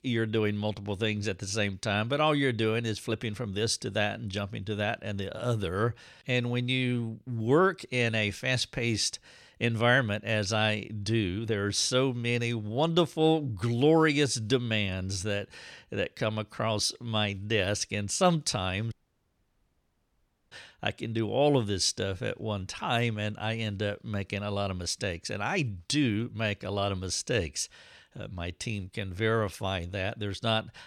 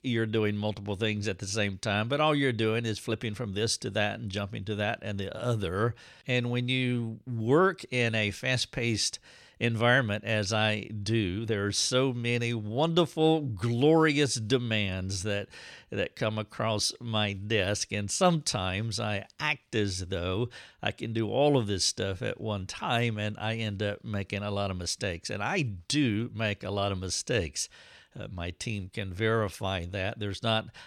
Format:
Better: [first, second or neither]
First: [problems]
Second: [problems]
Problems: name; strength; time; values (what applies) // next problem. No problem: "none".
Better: second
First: audio cutting out; at 19 s for 1.5 s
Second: none